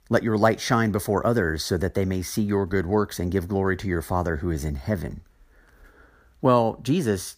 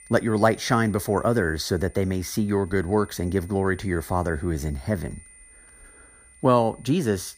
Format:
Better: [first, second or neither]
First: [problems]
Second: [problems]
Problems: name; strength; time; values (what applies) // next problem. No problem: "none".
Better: first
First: none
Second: high-pitched whine; faint; throughout; 9 kHz, 25 dB below the speech